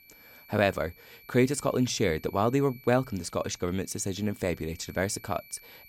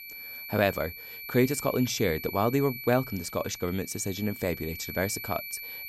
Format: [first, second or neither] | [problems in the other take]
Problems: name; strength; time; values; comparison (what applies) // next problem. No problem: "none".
first | high-pitched whine; loud; throughout; 2.5 kHz, 9 dB below the speech; faint in the first